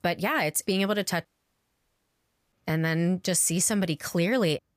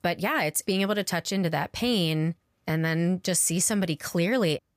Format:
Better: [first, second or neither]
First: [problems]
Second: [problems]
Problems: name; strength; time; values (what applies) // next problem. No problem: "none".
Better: second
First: audio cutting out; at 1.5 s for 1.5 s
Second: none